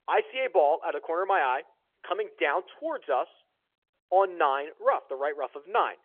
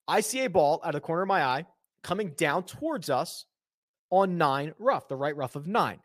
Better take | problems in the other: second | phone-call audio

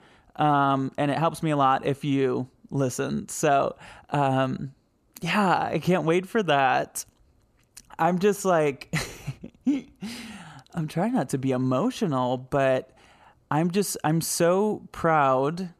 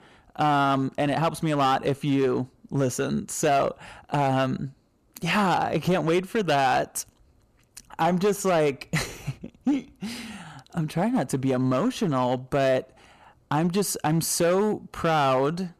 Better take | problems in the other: first | distortion; slight; 8% of the sound clipped

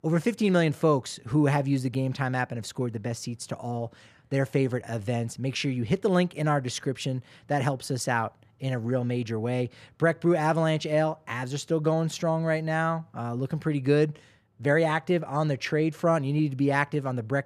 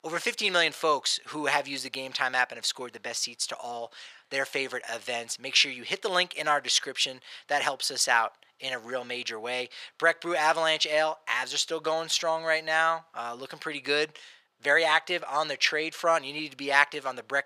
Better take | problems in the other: first | thin; very; fading below 800 Hz

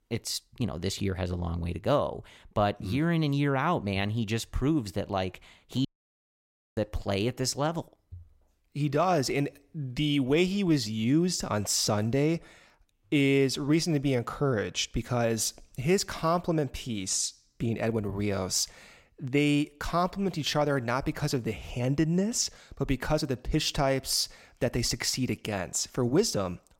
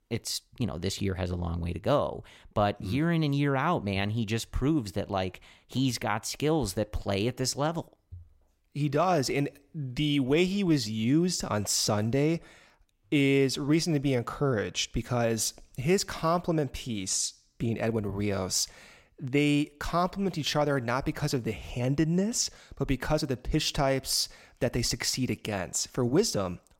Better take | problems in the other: second | audio cutting out; at 6 s for 1 s

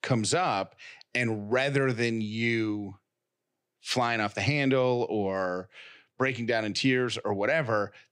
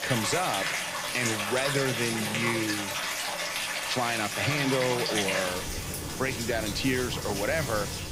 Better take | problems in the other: first | rain or running water; very loud; throughout; as loud as the speech

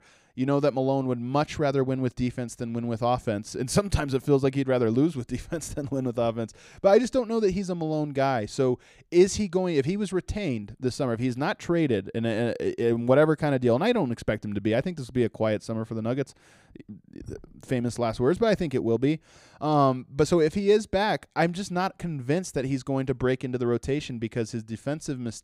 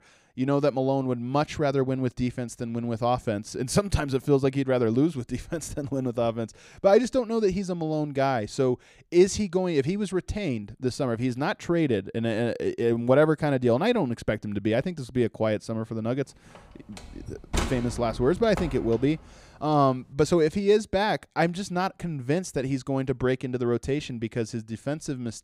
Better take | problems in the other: first | door banging; noticeable; from 17 to 19 s; peak 4 dB below the speech

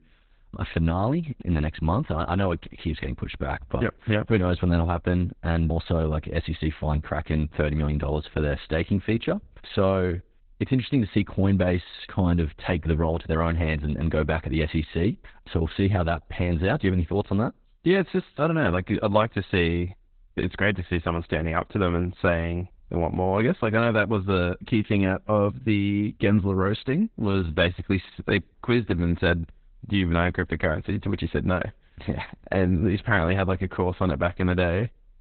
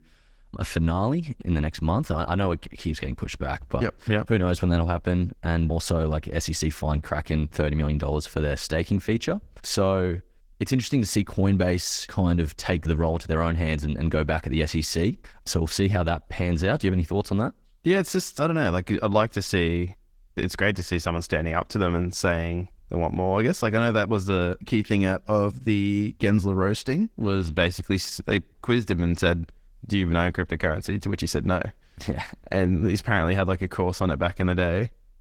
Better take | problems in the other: second | garbled, watery; badly; nothing above 4 kHz; slightly in the second

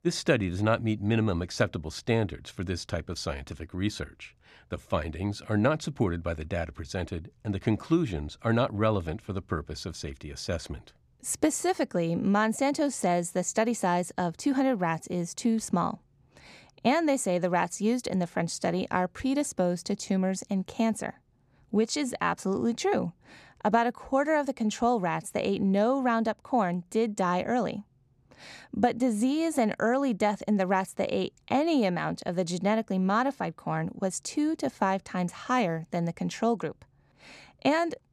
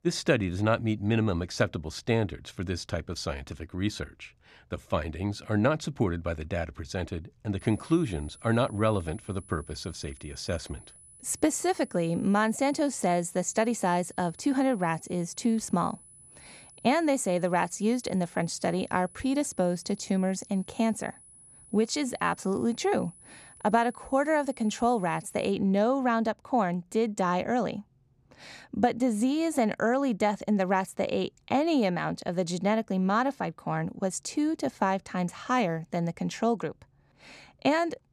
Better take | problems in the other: first | high-pitched whine; faint; from 7.5 to 26 s; 10 kHz, 20 dB below the speech

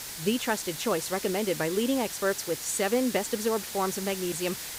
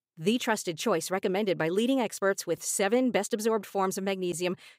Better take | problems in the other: second | hiss; loud; throughout; 7 dB below the speech

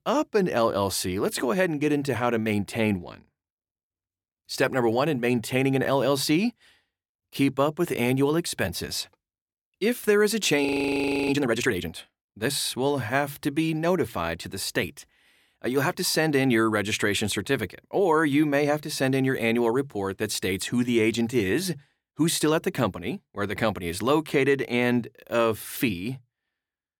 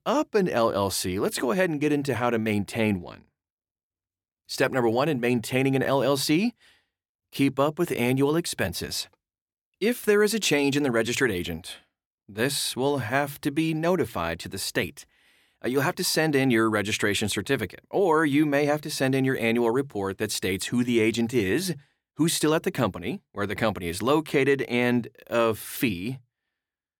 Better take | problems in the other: second | audio freezing; at 11 s for 0.5 s

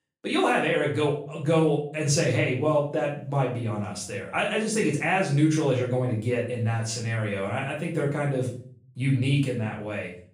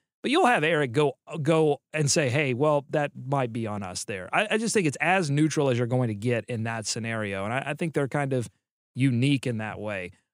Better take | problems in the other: second | off-mic speech; far // room echo; noticeable; dies away in 0.4 s

